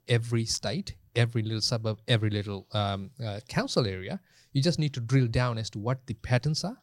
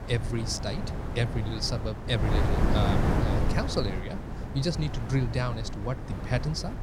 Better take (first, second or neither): first